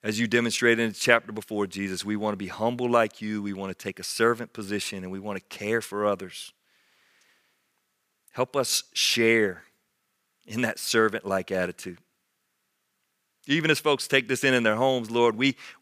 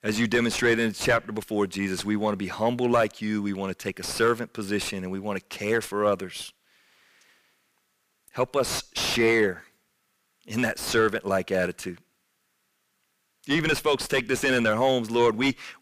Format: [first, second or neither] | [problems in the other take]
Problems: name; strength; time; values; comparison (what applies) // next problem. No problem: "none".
first | distortion; heavy; 7 dB below the speech